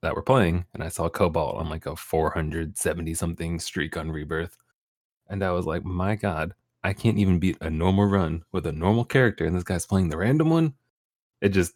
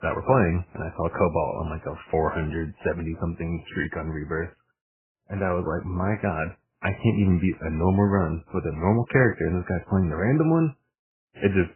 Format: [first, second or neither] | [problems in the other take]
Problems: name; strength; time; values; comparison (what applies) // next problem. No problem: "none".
first | garbled, watery; badly; nothing above 2.5 kHz